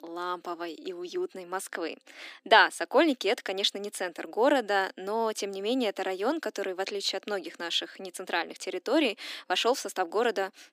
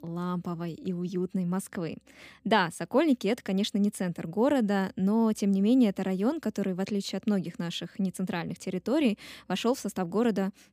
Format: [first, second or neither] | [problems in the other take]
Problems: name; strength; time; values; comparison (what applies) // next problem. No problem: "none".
second | thin; very; fading below 300 Hz